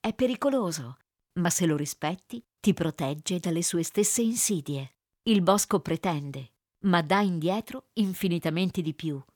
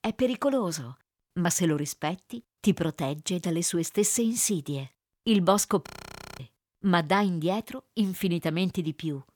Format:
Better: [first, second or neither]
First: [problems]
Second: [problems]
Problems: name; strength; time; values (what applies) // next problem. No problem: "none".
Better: first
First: none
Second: audio freezing; at 6 s for 0.5 s